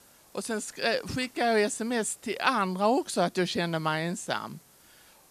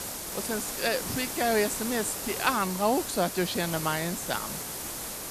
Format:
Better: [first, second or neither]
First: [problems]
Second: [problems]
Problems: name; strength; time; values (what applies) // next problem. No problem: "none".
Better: first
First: hiss; faint; throughout; 25 dB below the speech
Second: hiss; loud; throughout; 4 dB below the speech